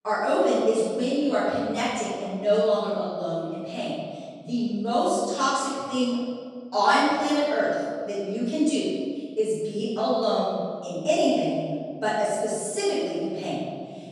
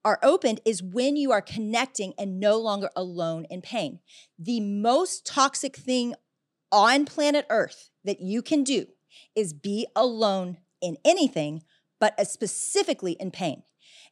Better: second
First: off-mic speech; far // room echo; strong; dies away in 1.8 s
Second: none

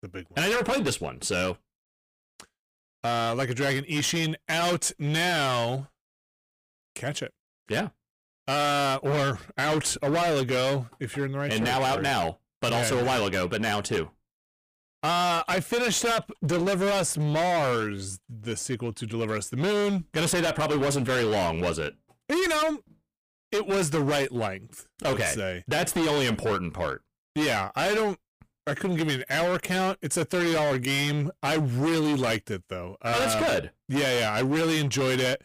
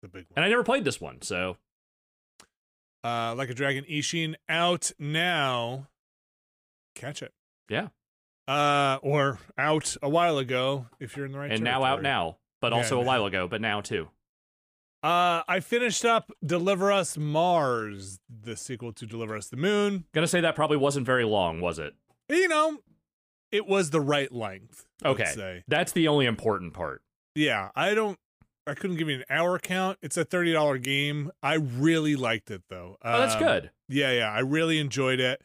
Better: second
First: distortion; heavy; 23% of the sound clipped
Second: none

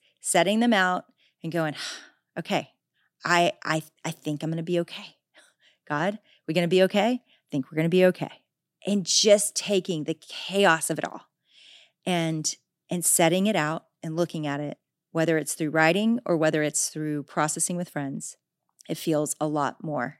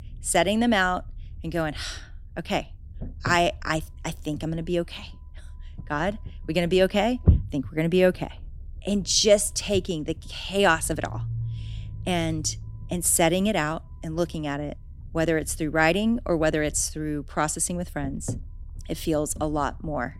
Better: first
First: none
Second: low rumble; faint; throughout; 20 dB below the speech

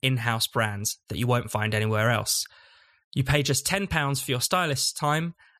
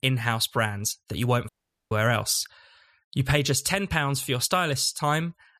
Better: first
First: none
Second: audio cutting out; at 1.5 s

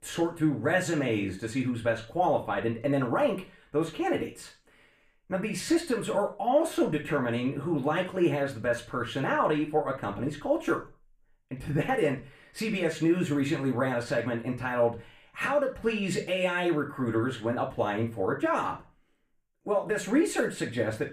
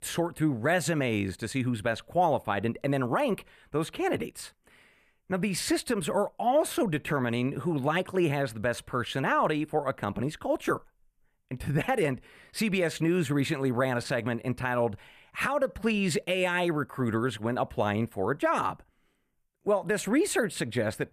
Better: second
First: room echo; slight; dies away in 0.3 s // off-mic speech; far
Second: none

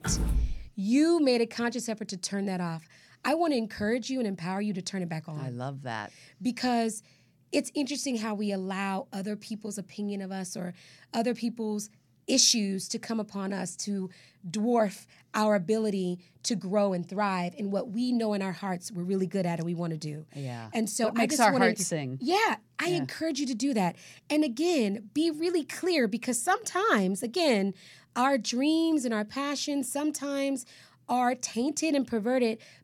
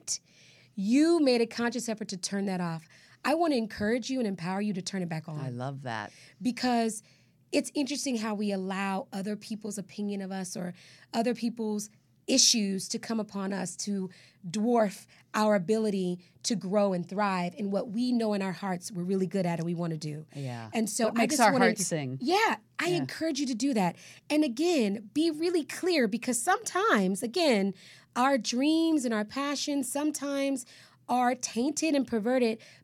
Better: second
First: door banging; noticeable; at the start; peak 1 dB below the speech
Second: none

